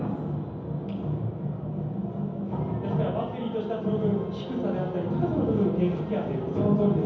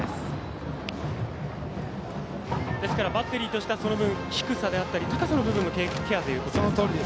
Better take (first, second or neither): second